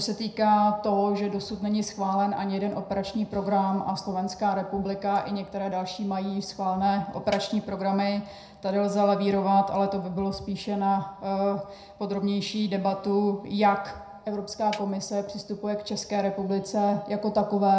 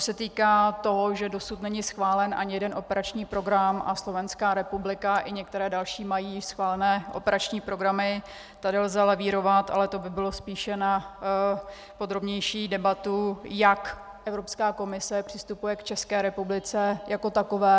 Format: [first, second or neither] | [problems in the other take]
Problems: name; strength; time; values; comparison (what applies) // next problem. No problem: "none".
second | background sound (Snare drum); 19 dB below the speech // room echo; dies away in 0.5 s